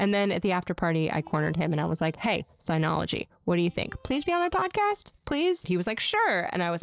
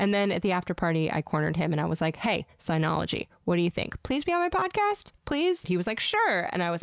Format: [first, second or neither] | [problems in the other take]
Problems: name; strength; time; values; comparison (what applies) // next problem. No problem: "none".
second | noise reduction (neural separator model SepFormer DNS4)